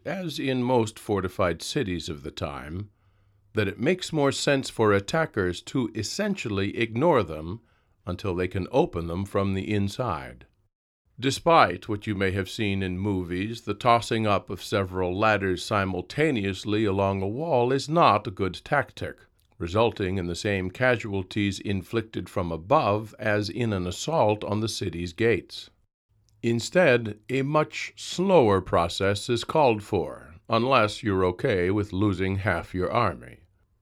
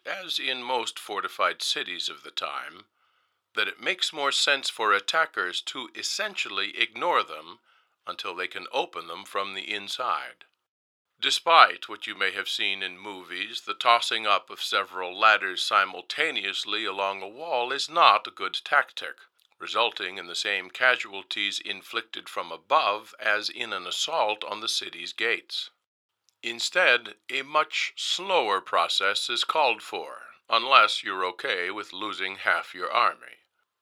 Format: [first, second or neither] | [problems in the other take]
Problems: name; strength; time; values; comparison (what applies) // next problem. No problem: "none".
first | thin; very; fading below 750 Hz